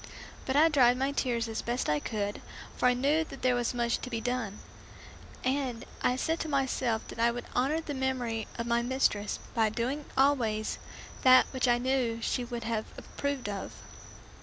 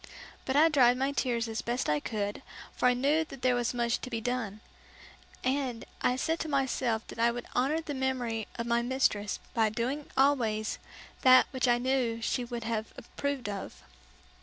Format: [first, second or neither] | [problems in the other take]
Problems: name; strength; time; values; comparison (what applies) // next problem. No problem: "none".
second | background sound (Cricket); 16 dB below the speech